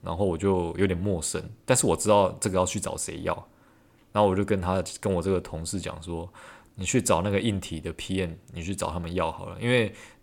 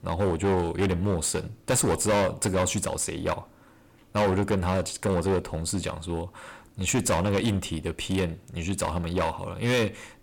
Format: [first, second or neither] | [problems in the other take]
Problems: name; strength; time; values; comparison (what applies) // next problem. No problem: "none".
first | distortion; heavy; 10% of the sound clipped